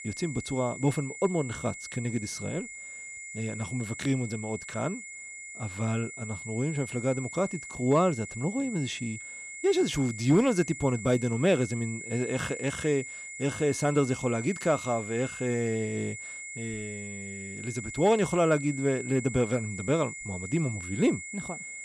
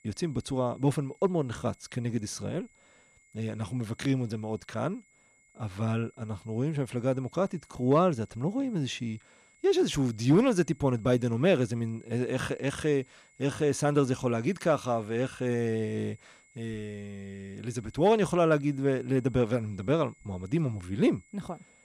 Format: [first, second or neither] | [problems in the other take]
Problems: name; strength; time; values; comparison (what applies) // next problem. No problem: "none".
second | high-pitched whine; loud; throughout; 2 kHz, 10 dB below the speech; faint in the second